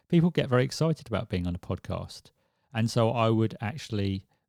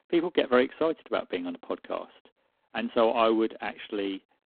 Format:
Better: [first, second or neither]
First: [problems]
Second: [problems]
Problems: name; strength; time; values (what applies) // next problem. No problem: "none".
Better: first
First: none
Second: phone-call audio; poor line